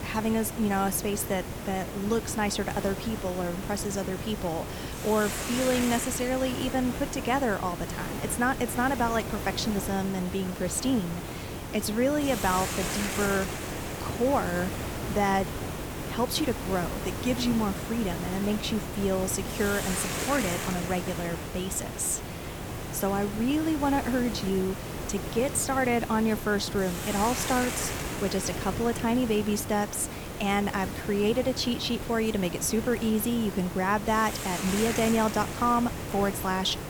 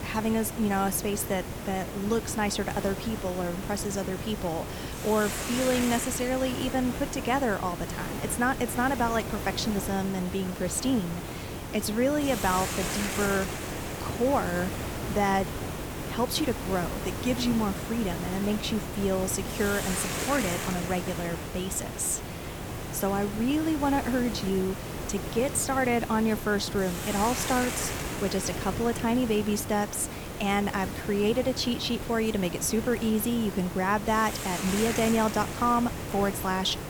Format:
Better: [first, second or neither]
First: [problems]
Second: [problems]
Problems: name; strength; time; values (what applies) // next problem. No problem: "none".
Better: neither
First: hiss; loud; throughout; 6 dB below the speech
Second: hiss; loud; throughout; 6 dB below the speech